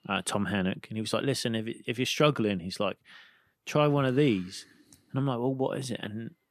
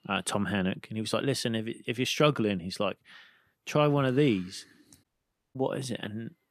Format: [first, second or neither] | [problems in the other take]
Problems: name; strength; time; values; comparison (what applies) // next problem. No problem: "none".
first | audio cutting out; at 5 s for 0.5 s